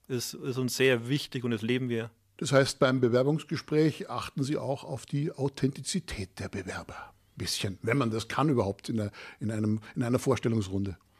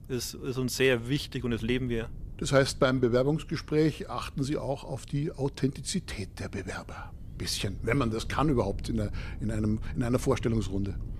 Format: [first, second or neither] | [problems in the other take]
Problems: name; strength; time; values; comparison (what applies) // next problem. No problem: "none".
first | wind noise on the microphone; occasional gusts; 25 dB below the speech